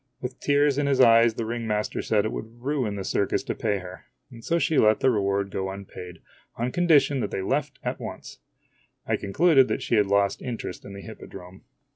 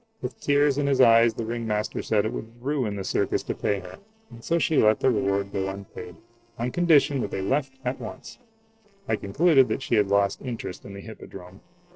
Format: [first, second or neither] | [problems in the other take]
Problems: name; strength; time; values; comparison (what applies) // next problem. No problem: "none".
first | noise reduction (neural separator model SepFormer DNS4)